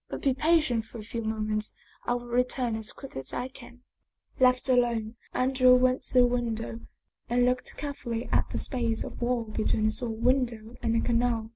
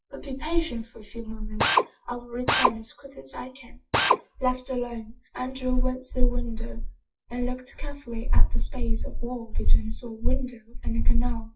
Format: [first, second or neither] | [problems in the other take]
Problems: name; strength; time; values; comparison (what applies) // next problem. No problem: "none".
first | noise reduction (classical method WPE with log-MMSE)